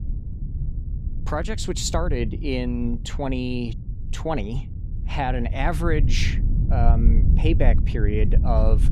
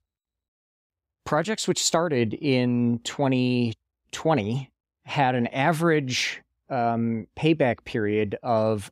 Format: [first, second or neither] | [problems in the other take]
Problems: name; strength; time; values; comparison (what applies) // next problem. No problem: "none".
second | low rumble; noticeable; throughout; 10 dB below the speech